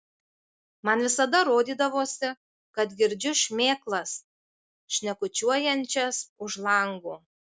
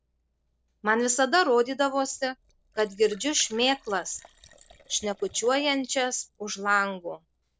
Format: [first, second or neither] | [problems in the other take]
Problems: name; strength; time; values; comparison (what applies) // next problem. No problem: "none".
first | noise reduction (neural separator model SepFormer DNS4)